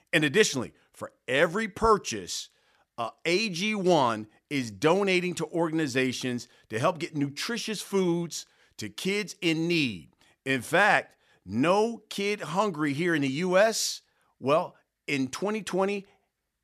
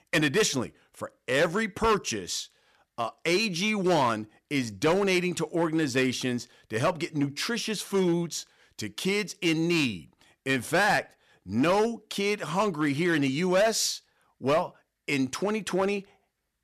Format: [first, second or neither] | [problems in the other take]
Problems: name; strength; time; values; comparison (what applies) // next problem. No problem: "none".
first | distortion; slight; 5% of the sound clipped